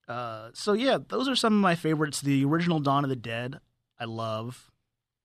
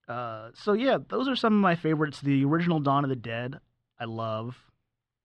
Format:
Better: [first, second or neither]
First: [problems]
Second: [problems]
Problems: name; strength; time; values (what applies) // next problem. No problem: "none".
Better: first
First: none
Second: muffled; slightly; fading above 3 kHz